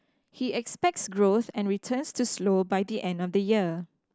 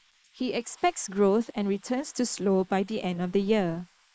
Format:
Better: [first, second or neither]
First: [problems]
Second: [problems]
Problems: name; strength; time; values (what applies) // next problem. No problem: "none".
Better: first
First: none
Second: noise reduction (neural mask model Resemble Enhance denoiser)